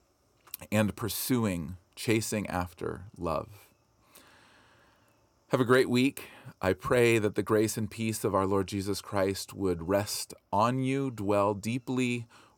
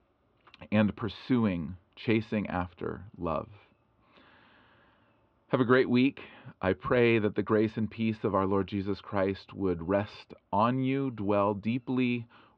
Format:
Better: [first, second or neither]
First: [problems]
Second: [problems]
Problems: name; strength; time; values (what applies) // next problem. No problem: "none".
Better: first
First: none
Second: muffled; very; fading above 3.5 kHz